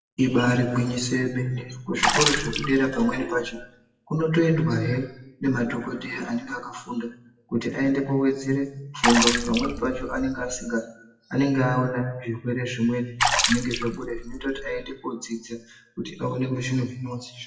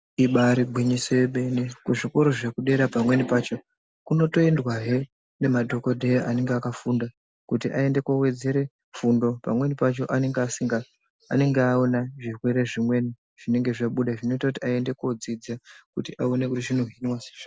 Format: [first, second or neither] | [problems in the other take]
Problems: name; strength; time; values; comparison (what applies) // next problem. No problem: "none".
second | noise reduction (classical method WPE with log-MMSE)